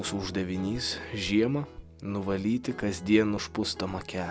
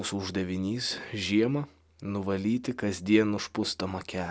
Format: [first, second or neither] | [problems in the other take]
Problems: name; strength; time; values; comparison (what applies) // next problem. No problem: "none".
second | background sound (Guitar); 15 dB below the speech